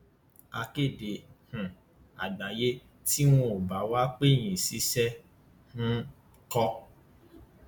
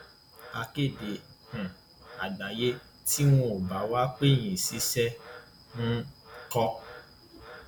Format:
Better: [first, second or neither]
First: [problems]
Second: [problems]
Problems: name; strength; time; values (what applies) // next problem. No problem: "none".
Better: first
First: none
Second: background sound (Frog); 19 dB below the speech